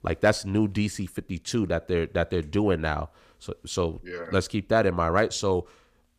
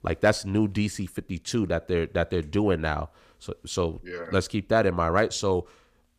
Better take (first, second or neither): neither